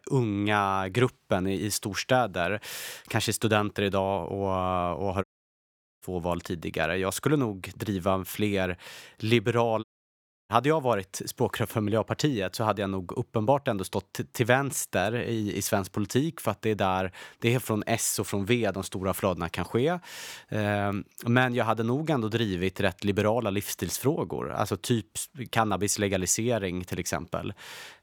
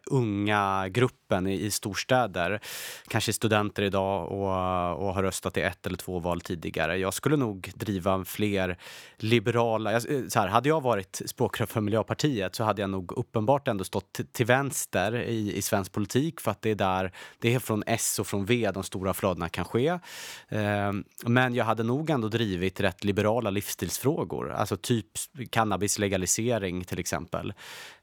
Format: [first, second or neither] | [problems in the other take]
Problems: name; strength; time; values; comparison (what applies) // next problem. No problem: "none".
second | audio cutting out; at 5 s for 1 s and at 10 s for 0.5 s